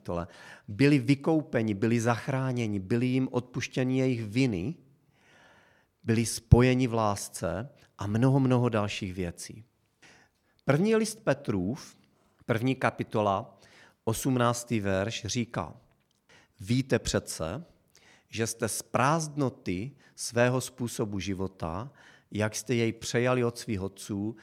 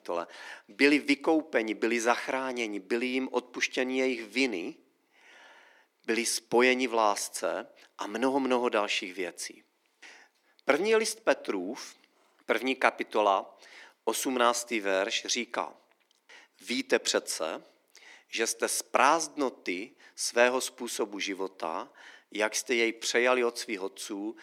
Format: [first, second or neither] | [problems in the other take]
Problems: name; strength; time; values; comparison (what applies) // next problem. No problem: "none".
first | thin; somewhat; fading below 300 Hz